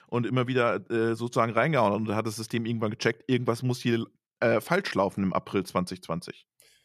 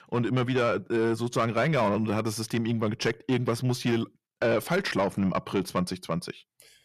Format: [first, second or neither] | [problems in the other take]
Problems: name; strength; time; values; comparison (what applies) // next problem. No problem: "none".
first | distortion; slight; 10 dB below the speech